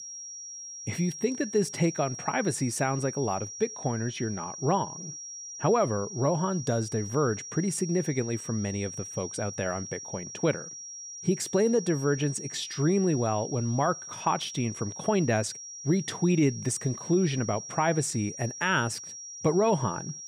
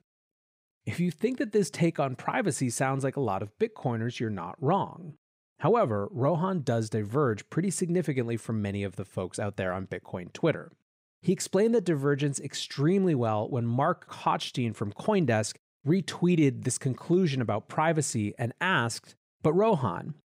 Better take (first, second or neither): second